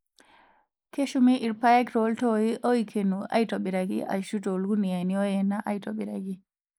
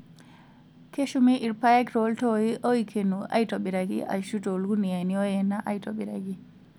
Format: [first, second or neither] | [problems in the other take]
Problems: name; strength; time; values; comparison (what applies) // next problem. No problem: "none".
second | noise reduction (neural mask model Resemble Enhance denoiser)